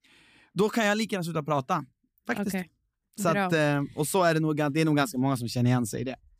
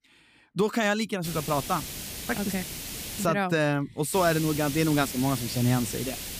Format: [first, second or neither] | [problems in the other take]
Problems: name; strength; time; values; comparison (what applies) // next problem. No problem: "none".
first | hiss; loud; from 1 to 3.5 s and from 4 s on; 7 dB below the speech